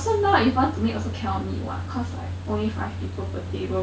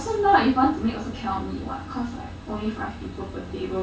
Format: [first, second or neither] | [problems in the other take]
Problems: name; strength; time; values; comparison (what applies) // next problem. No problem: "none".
first | room echo; dies away in 0.3 s